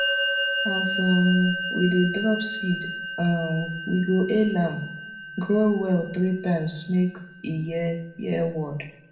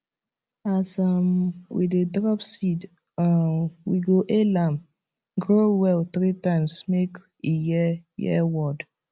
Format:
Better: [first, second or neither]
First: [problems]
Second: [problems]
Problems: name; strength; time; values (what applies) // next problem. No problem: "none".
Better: second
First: background sound (Musical instrument); 6 dB below the speech // room echo; dies away in 0.6 s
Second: none